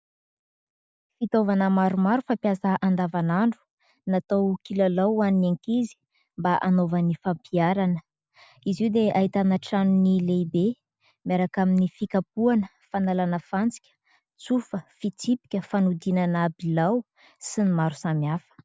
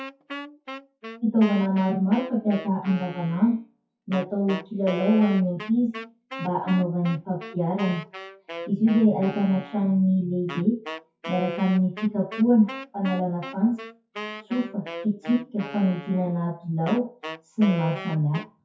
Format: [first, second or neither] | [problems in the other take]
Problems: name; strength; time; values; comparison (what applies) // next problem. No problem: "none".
first | noise reduction (classical method WPE with log-MMSE)